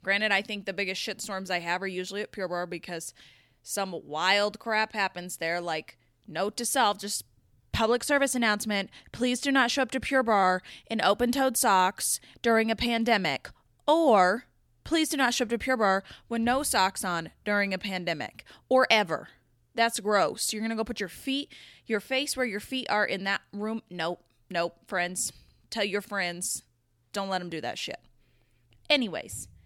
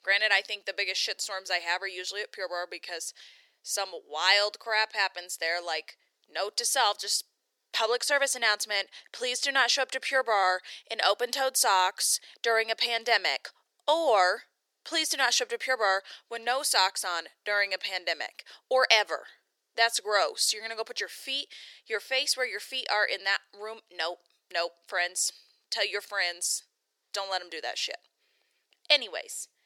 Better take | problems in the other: first | thin; very; fading below 400 Hz

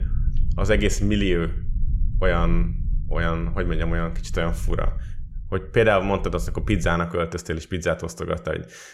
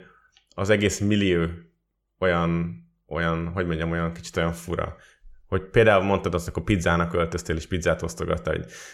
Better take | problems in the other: second | low rumble; faint; until 7 s; 20 dB below the speech

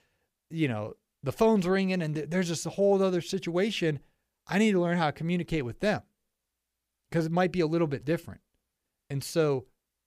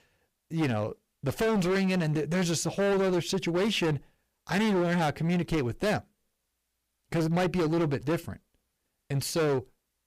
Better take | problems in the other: first | distortion; heavy; 17% of the sound clipped

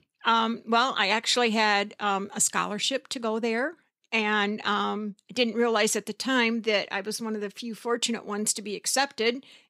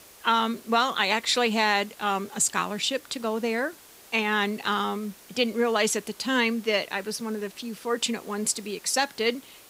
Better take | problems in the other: first | hiss; faint; throughout; 20 dB below the speech

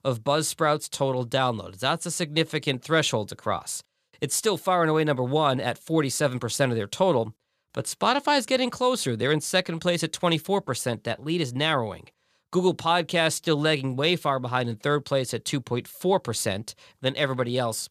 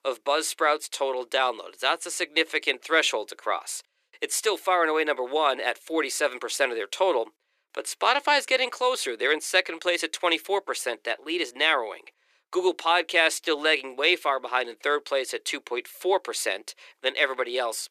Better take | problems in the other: first | thin; very; fading below 350 Hz

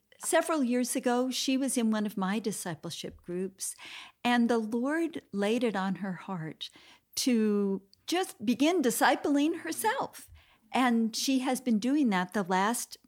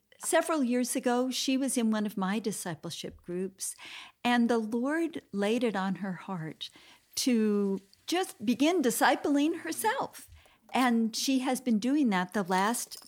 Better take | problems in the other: first | household noises; faint; throughout; 25 dB below the speech

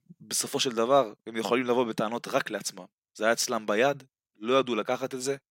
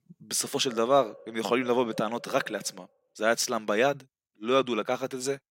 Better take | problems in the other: first | animal sounds; faint; throughout; 20 dB below the speech

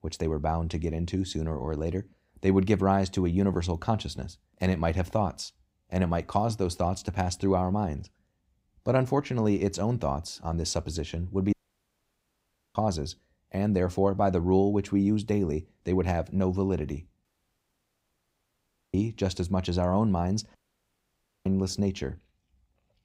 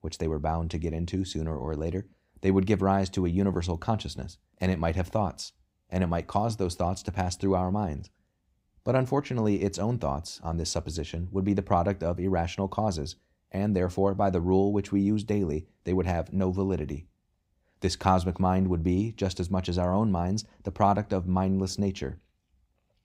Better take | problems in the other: second | audio cutting out; at 12 s for 1 s, at 17 s for 1.5 s and at 21 s for 1 s

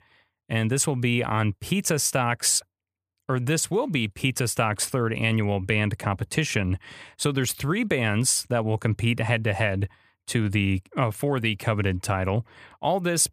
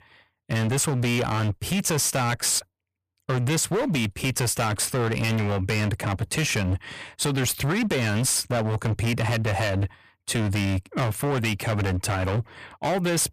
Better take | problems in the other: first | distortion; heavy; 26% of the sound clipped

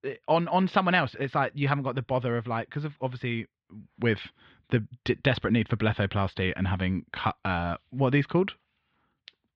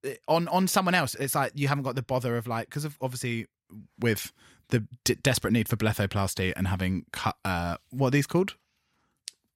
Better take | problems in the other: second | muffled; very; fading above 3.5 kHz

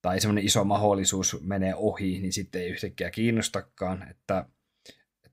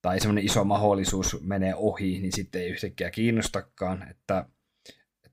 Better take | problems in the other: first | distortion; slight; 8 dB below the speech

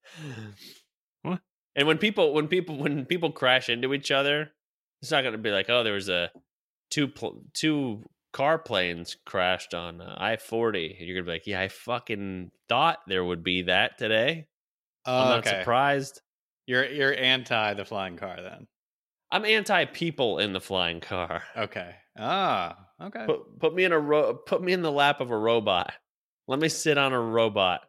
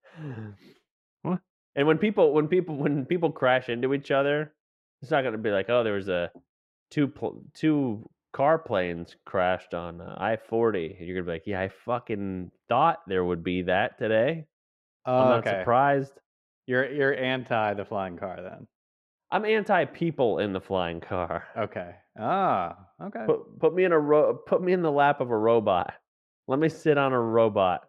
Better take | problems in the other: first | muffled; very; fading above 2.5 kHz

